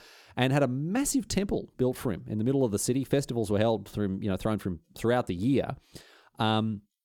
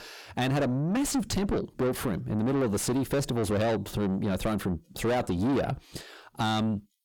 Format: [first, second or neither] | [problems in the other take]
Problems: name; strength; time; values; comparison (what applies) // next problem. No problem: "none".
first | distortion; heavy; 5 dB below the speech